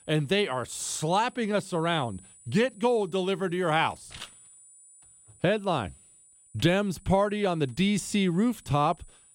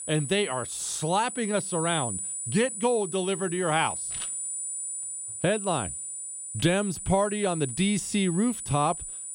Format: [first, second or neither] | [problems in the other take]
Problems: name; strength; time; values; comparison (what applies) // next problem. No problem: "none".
first | high-pitched whine; loud; throughout; 9.5 kHz, 5 dB below the speech; faint in the first